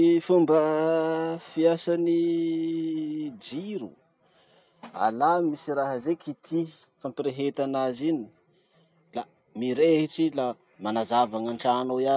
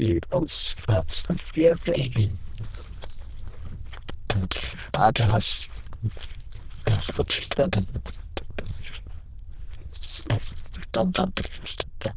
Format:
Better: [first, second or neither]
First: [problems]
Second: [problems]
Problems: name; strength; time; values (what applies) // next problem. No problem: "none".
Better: first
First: none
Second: noise reduction (neural diffusion model UNIVERSE++)